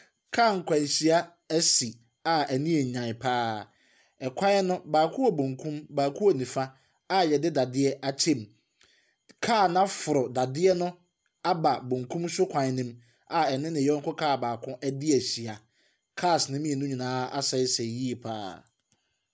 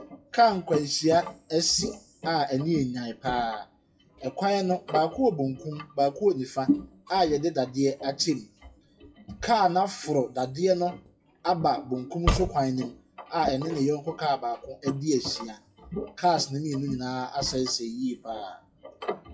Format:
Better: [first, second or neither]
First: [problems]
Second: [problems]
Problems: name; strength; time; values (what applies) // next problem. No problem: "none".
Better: first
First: none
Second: noise reduction (classical method WPE with log-MMSE)